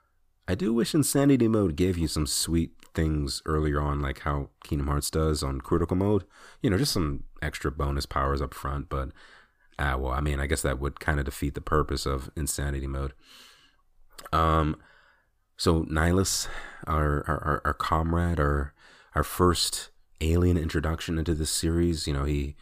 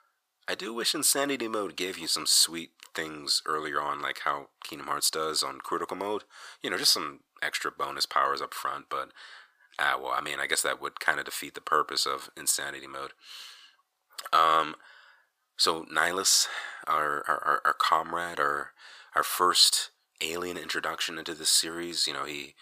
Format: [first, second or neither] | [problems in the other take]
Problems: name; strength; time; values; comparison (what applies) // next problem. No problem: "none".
first | thin; very; fading below 700 Hz